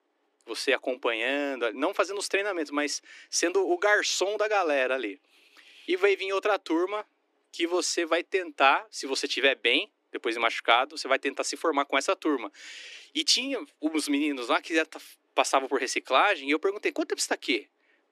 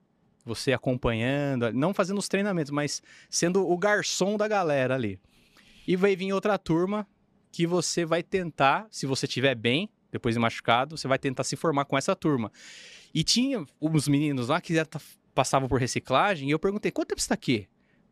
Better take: second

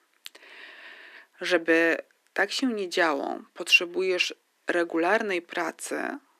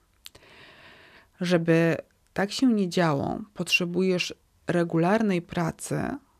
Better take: second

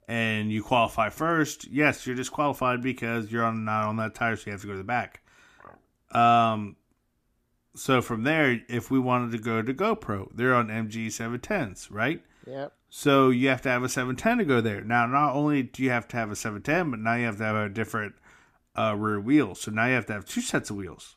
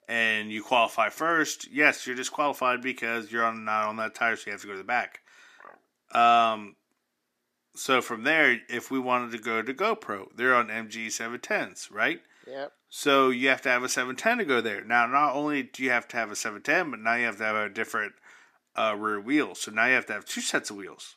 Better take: first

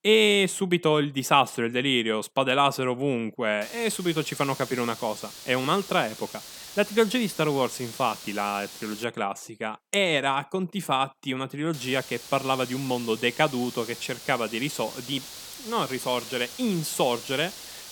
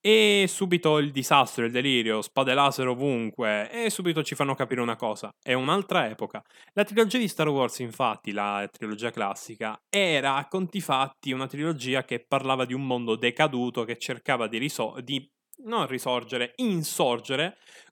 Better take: second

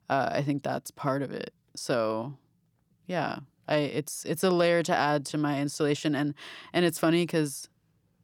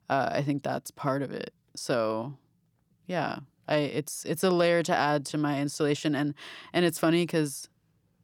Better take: neither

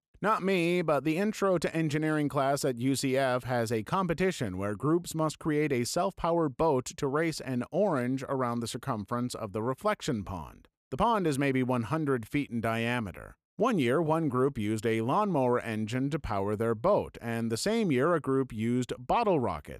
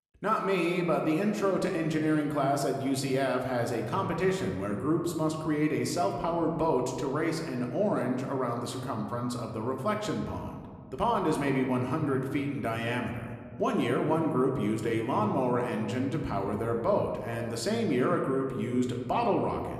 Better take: first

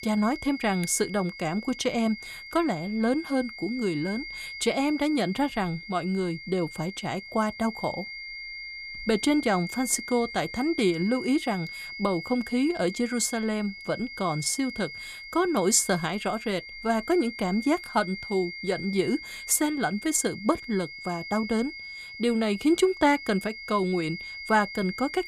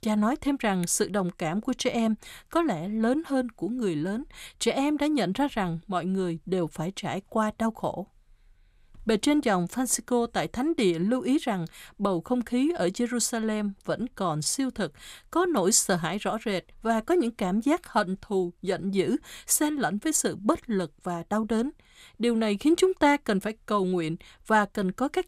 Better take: second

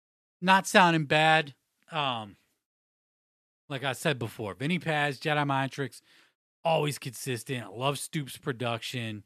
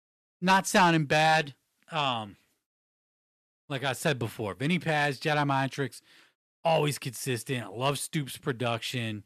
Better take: first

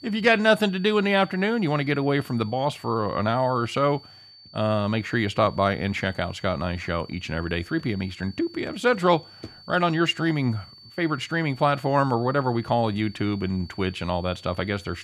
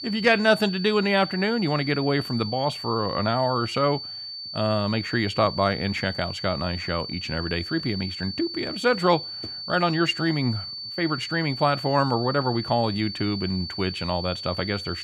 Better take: first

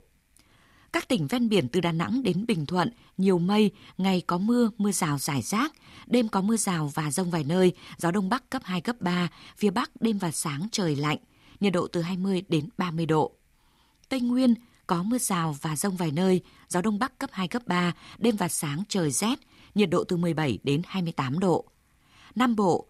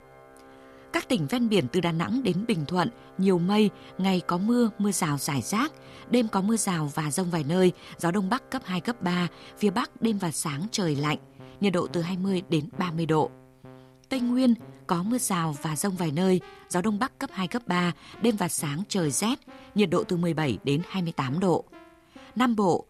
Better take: first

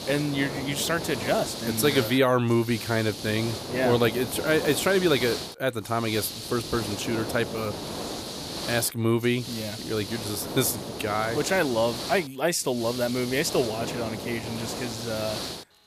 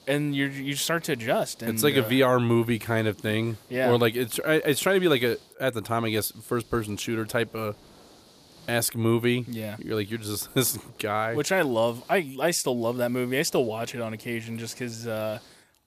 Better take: second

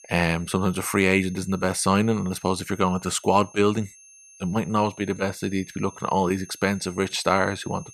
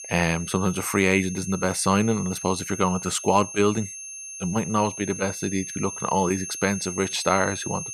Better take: first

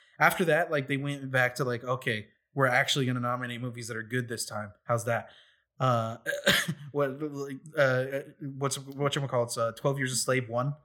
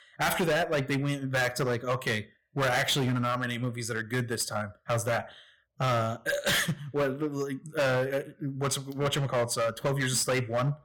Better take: first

